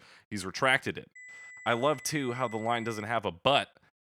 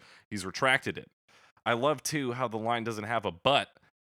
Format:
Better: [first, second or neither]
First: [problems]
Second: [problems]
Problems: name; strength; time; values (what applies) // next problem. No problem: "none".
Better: second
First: high-pitched whine; noticeable; from 1 to 3 s; 2 kHz, 15 dB below the speech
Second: none